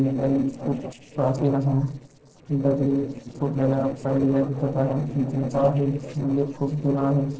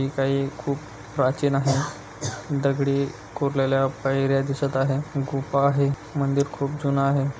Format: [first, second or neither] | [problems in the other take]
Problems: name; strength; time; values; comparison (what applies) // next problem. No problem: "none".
second | noise reduction (neural separator model SepFormer DNS4)